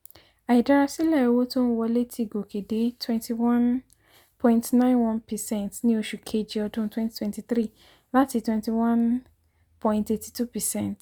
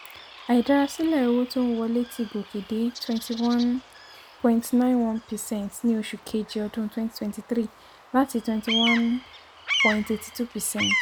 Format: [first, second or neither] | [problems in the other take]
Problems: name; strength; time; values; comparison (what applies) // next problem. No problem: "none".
first | background sound (Bird vocalization, bird call, bird song); 8 dB below the speech